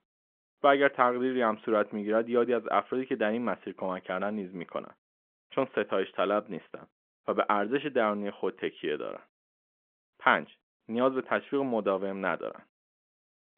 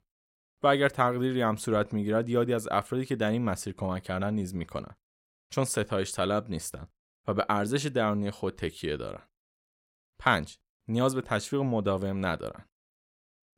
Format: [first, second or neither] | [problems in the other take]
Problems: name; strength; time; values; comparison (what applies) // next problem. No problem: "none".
second | phone-call audio; nothing above 3.5 kHz